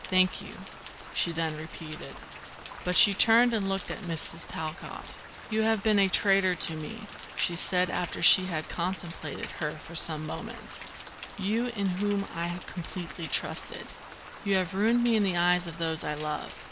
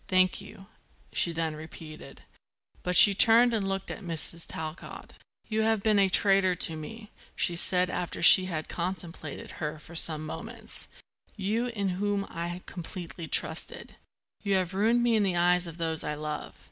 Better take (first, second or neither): second